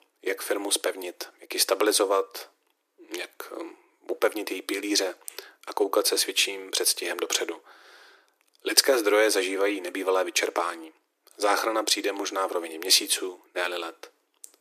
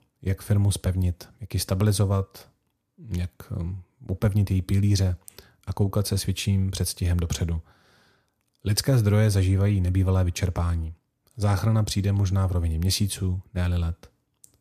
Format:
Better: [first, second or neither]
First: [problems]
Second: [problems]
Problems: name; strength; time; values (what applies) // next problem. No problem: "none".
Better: second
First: thin; very; fading below 300 Hz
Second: none